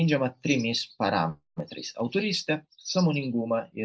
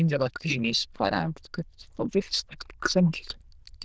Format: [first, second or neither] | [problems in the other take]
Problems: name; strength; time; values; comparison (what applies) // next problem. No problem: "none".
first | noise reduction (neural diffusion model UNIVERSE++)